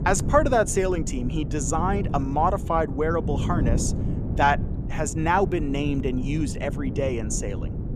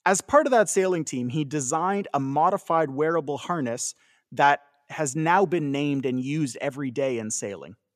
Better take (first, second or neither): second